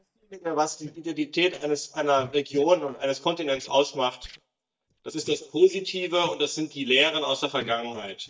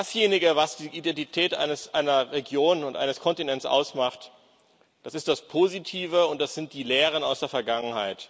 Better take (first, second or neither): second